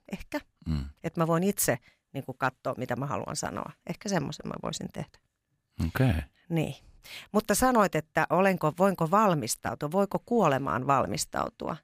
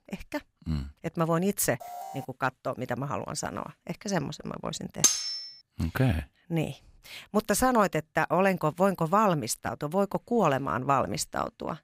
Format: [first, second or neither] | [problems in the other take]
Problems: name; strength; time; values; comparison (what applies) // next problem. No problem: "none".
first | alarm; faint; at 2 s; peak 10 dB below the speech // clattering dishes; loud; at 5 s; peak 6 dB above the speech